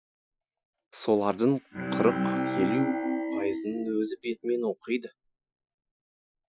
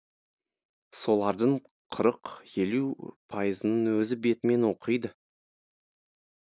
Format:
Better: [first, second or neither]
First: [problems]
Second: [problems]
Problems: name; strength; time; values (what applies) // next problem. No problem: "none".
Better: second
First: noise reduction (classical method Wiener filter)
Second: none